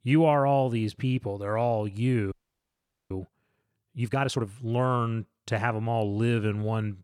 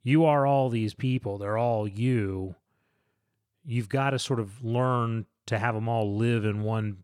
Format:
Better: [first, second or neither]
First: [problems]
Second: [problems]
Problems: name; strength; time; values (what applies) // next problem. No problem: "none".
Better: second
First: audio freezing; at 2.5 s for 1 s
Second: none